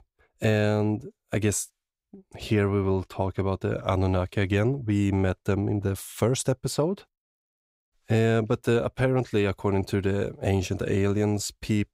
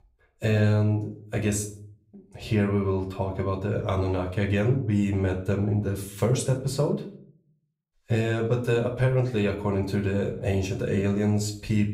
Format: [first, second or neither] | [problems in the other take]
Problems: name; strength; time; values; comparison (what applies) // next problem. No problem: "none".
first | room echo; slight; dies away in 0.5 s // off-mic speech; somewhat distant